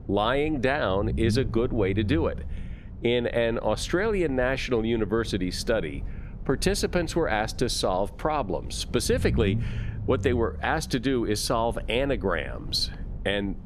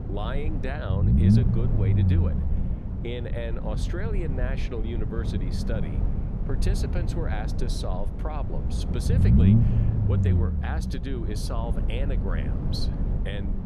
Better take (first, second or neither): first